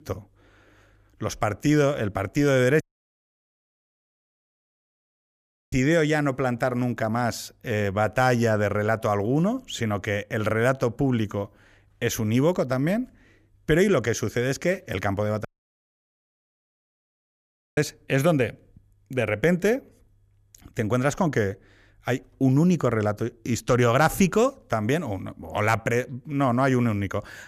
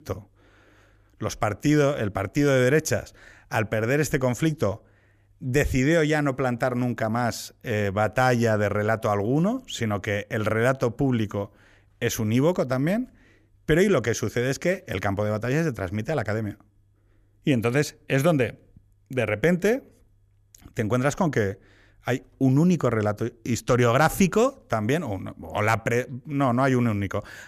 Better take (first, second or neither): second